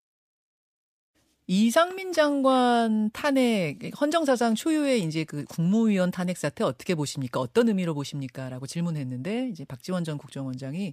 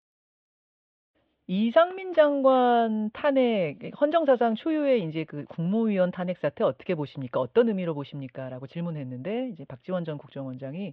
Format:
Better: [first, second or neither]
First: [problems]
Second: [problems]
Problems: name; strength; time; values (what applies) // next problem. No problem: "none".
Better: first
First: none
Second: muffled; very; fading above 3.5 kHz